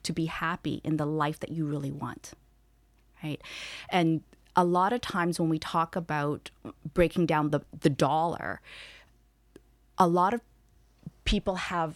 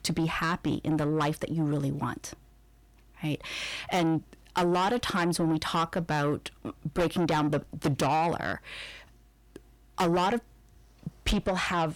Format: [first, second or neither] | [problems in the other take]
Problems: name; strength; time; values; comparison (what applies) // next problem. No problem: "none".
first | distortion; heavy; 6 dB below the speech